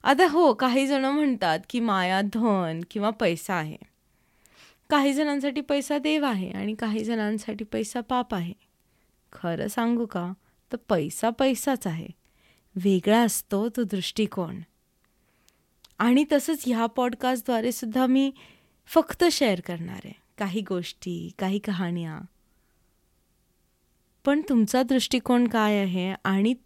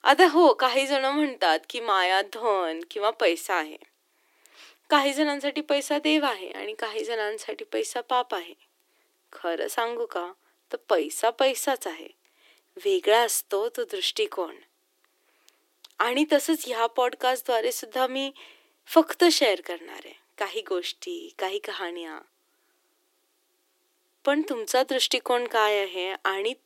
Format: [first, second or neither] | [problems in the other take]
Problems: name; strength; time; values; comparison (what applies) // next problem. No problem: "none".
first | thin; very; fading below 300 Hz